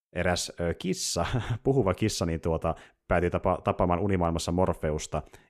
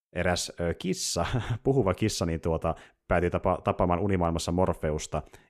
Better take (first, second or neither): neither